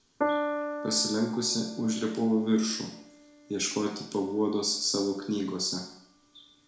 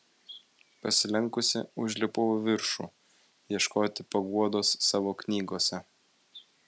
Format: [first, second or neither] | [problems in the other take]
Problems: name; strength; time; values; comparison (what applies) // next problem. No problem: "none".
second | background sound (Piano); 8 dB below the speech // room echo; dies away in 0.6 s